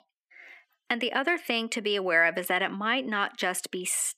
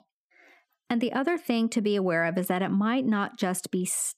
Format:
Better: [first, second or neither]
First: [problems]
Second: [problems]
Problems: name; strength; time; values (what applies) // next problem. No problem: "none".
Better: second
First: thin; somewhat; fading below 400 Hz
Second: none